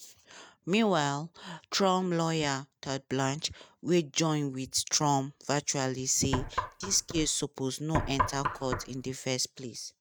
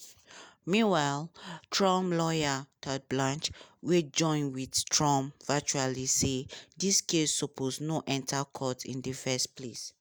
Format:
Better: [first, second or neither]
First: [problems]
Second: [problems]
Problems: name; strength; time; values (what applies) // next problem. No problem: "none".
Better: second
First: noise reduction (neural mask model RNNoise)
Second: none